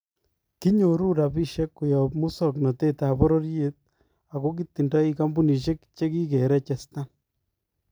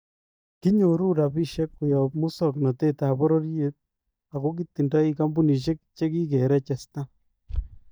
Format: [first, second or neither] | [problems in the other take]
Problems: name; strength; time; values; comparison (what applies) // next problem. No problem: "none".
first | noise reduction (neural mask model DeepFilterNet 3)